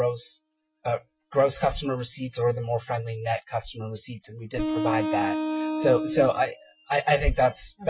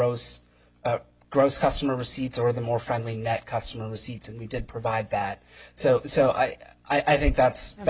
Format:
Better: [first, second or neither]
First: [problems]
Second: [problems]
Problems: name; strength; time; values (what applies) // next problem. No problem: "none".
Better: second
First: noise reduction (classical method Wiener filter)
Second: none